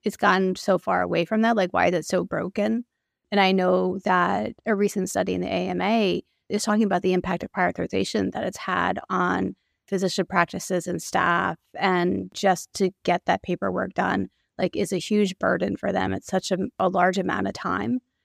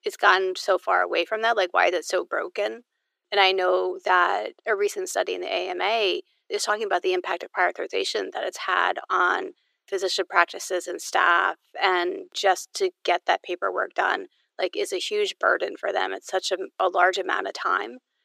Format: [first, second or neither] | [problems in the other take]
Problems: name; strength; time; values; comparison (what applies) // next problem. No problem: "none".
first | thin; very; fading below 350 Hz